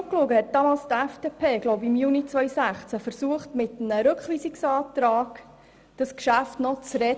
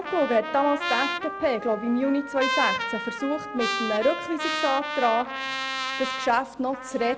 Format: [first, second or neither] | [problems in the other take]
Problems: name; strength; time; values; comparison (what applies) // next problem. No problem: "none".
first | background sound (Trumpet); 4 dB below the speech